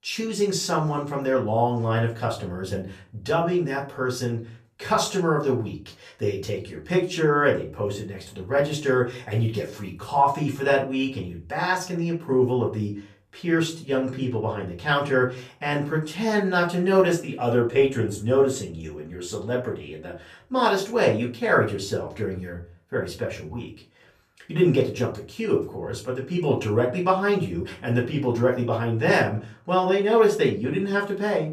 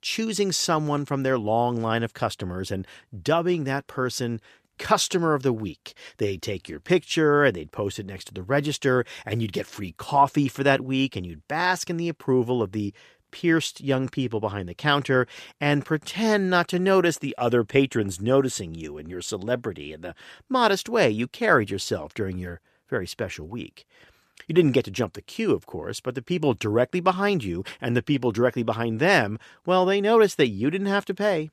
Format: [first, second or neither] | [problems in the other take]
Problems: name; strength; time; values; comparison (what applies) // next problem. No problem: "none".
second | room echo; slight; dies away in 0.3 s // off-mic speech; far